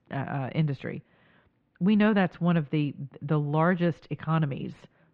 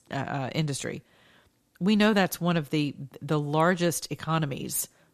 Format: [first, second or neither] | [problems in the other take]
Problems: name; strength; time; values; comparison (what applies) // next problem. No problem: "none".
second | muffled; very; fading above 3 kHz